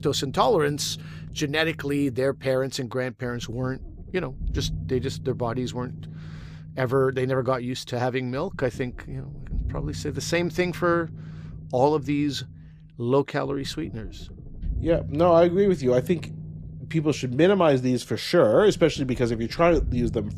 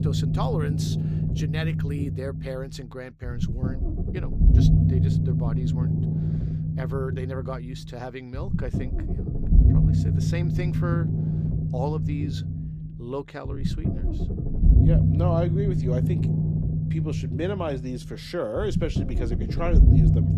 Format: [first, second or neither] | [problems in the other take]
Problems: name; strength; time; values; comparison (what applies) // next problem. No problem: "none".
first | low rumble; loud; throughout; 1 dB below the speech; faint in the first